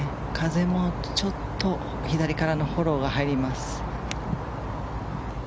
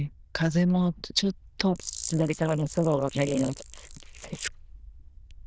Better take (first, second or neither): first